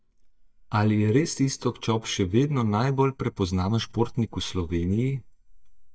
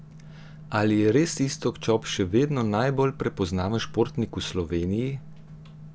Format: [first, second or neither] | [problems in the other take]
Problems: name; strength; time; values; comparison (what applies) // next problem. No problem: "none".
second | noise reduction (neural mask model DeepFilterNet 3)